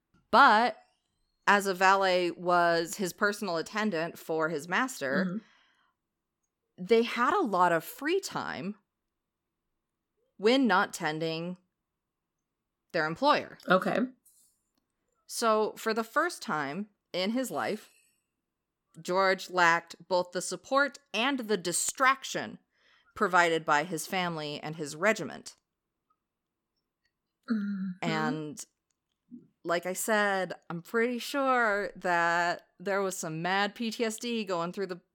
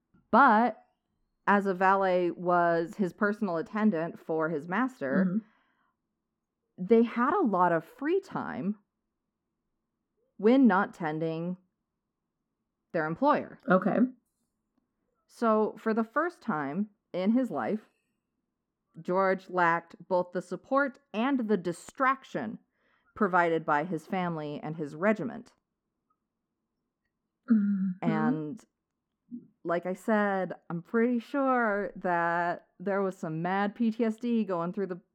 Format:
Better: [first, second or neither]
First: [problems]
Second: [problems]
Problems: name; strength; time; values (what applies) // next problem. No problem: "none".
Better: first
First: none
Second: muffled; very; fading above 2.5 kHz